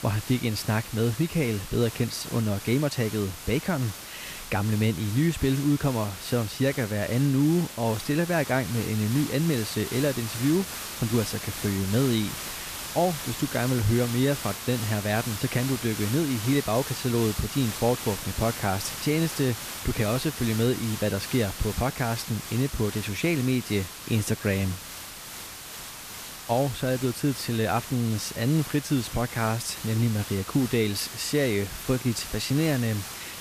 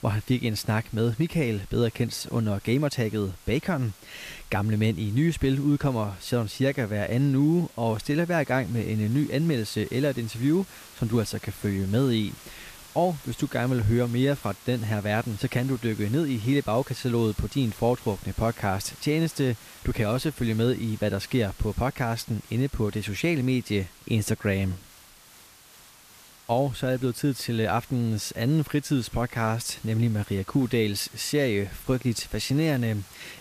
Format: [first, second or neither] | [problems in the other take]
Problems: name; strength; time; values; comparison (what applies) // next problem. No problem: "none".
second | hiss; loud; throughout; 9 dB below the speech; faint in the second